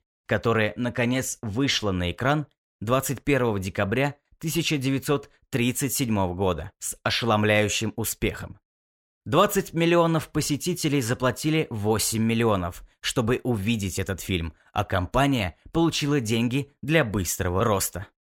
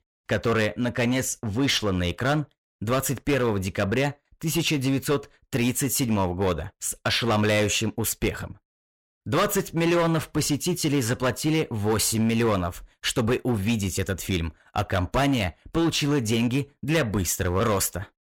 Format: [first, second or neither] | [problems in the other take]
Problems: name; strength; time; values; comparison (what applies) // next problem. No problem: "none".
first | distortion; slight; 8% of the sound clipped